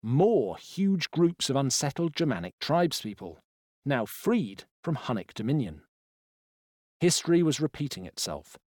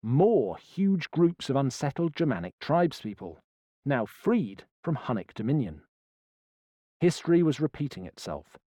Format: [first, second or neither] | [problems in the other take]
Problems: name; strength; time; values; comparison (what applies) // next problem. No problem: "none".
first | muffled; slightly; fading above 3.5 kHz